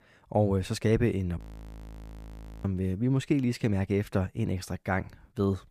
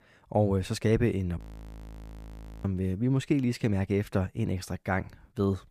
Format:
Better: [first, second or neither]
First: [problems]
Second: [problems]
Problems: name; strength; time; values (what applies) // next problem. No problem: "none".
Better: neither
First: audio freezing; at 1.5 s for 1.5 s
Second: audio freezing; at 1.5 s for 1.5 s